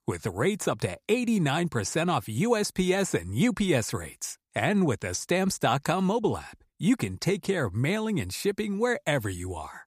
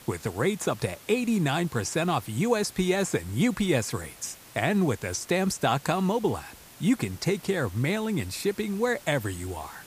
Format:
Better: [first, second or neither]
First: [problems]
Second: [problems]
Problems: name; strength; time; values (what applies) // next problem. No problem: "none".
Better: first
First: none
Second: hiss; faint; throughout; 20 dB below the speech